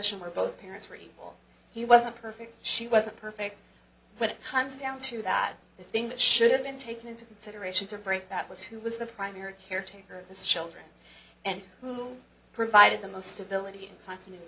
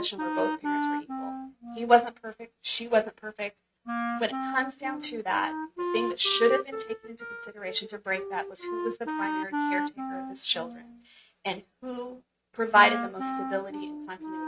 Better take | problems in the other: first | noise reduction (neural mask model RNNoise)

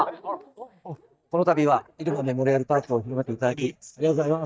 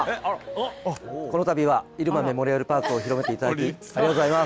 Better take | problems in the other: second | noise reduction (neural mask model DeepFilterNet 3)

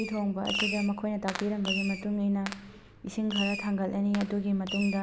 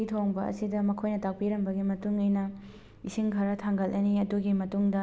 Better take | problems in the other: second | background sound (Fireworks); 8 dB below the speech

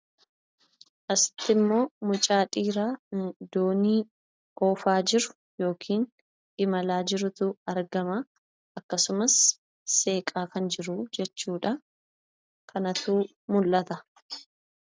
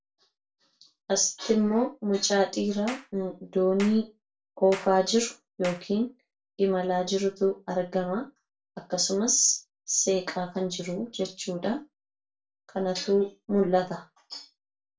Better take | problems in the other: first | background sound (Clapping); 17 dB below the speech // room echo; dies away in 0.2 s

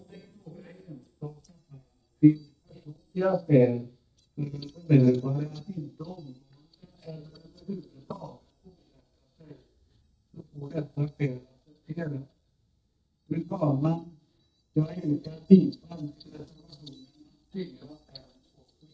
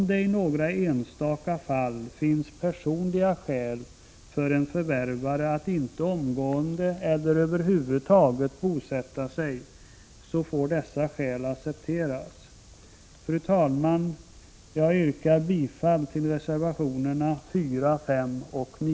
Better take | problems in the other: second | noise reduction (neural mask model DeepFilterNet 3)

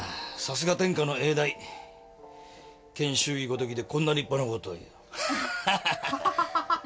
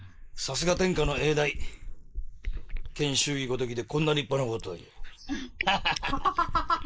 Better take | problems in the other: first | noise reduction (neural mask model Resemble Enhance denoiser)

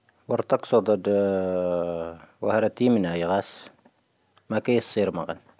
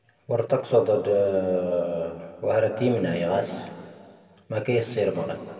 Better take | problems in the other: first | room echo; dies away in 2.2 s

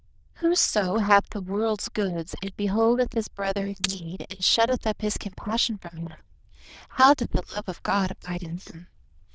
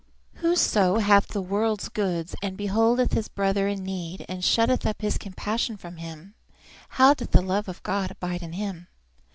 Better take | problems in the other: second | noise reduction (neural diffusion model UNIVERSE++)

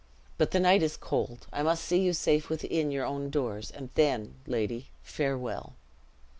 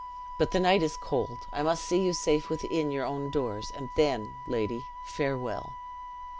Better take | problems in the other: first | background sound (Wind instrument, woodwind instrument); 11 dB below the speech

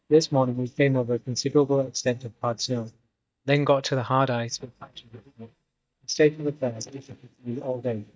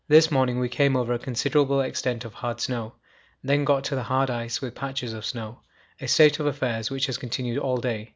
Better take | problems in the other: second | noise reduction (neural mask model DeepFilterNet 3)

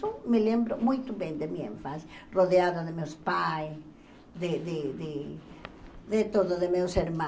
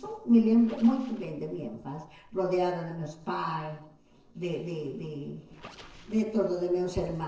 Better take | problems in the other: first | noise reduction (neural separator model SepFormer DNS4)

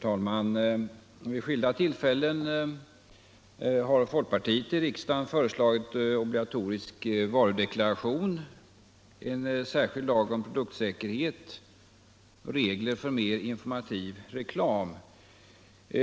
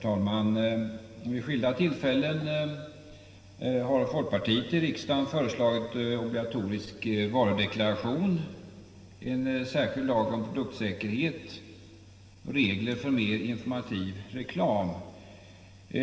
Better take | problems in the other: first | room echo; dies away in 2 s

